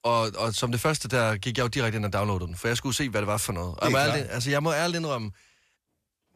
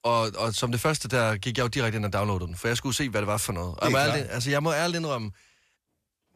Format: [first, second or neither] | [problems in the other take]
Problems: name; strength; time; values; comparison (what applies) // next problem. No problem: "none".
neither | none